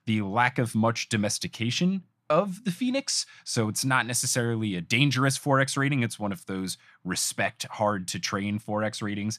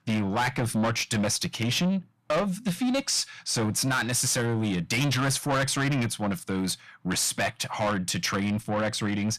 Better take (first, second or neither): first